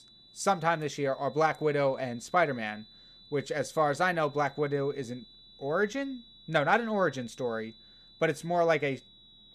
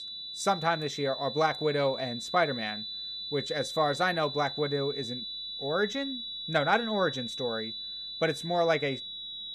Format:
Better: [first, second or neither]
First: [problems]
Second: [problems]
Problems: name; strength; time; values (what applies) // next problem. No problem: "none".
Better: first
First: high-pitched whine; faint; throughout; 4 kHz, 25 dB below the speech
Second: high-pitched whine; loud; throughout; 4 kHz, 6 dB below the speech